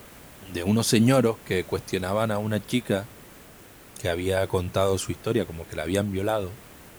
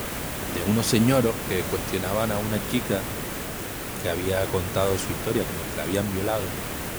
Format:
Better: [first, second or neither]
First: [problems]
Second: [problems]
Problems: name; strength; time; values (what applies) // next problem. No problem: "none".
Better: first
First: hiss; faint; throughout; 20 dB below the speech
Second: hiss; loud; throughout; 4 dB below the speech